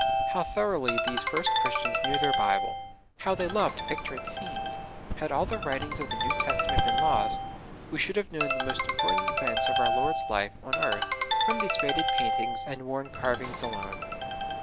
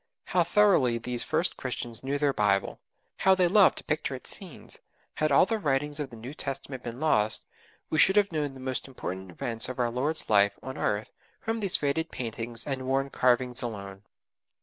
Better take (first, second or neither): second